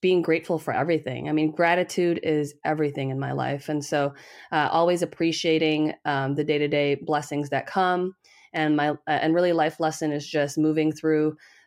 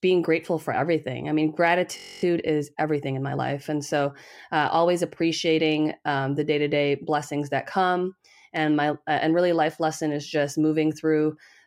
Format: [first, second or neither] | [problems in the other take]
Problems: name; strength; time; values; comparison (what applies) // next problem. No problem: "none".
first | audio freezing; at 2 s